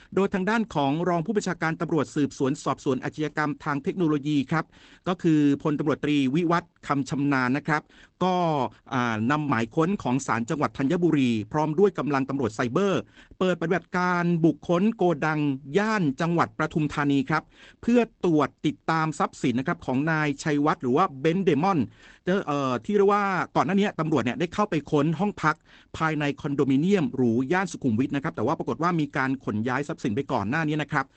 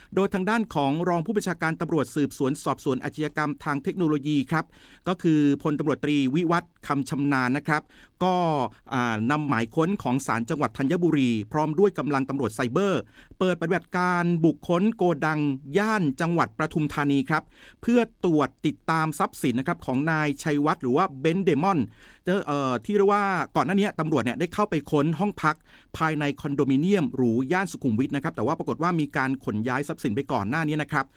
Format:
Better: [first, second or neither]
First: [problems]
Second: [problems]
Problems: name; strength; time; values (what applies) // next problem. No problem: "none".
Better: second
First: garbled, watery; badly; nothing above 8 kHz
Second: garbled, watery; slightly